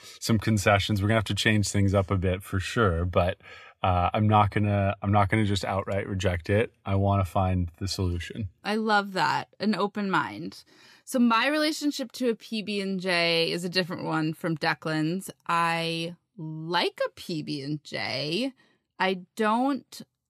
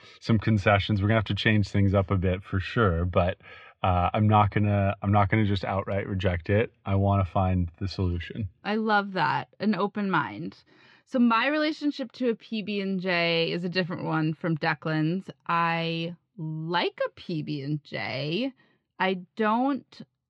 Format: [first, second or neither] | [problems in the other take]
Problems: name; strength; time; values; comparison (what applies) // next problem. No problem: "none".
first | muffled; very slightly; fading above 3.5 kHz